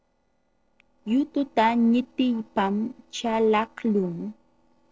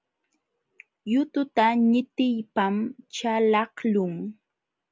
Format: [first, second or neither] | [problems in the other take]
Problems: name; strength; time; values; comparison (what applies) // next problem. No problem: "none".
second | noise reduction (neural separator model SepFormer DNS4)